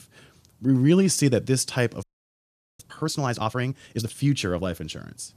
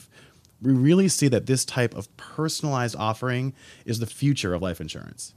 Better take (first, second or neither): second